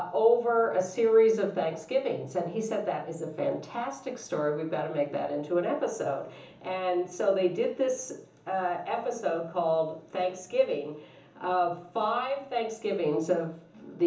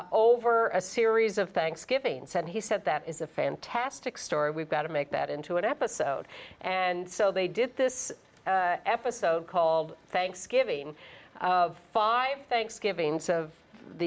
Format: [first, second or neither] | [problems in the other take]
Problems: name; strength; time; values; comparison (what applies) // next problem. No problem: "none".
second | room echo; dies away in 0.7 s